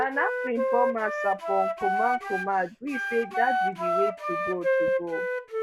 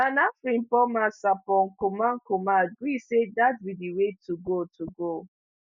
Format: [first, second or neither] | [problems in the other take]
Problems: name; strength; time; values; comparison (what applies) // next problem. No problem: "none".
second | background sound (Wind instrument, woodwind instrument); 2 dB above the speech